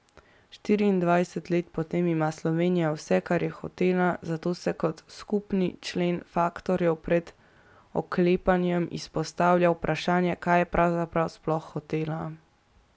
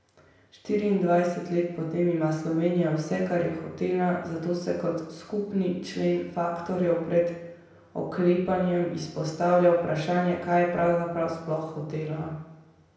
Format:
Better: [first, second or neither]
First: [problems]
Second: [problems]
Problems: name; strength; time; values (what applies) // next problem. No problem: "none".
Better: first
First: none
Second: room echo; dies away in 0.9 s